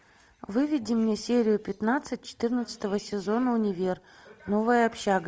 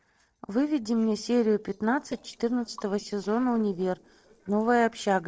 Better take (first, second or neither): first